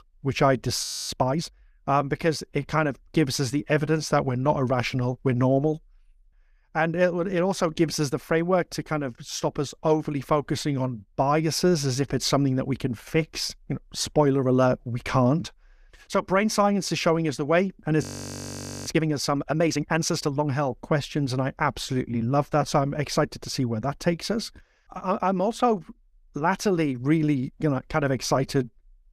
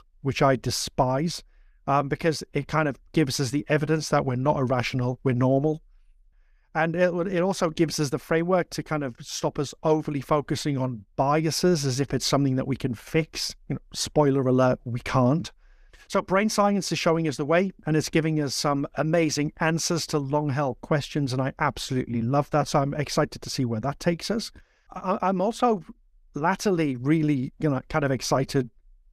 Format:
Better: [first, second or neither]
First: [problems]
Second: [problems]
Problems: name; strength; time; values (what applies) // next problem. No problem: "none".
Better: second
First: audio freezing; at 1 s and at 18 s for 1 s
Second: none